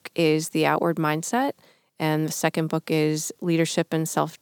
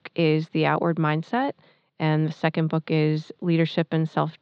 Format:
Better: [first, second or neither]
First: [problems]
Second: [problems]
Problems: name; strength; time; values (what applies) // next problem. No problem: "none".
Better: first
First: none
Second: muffled; slightly; fading above 4 kHz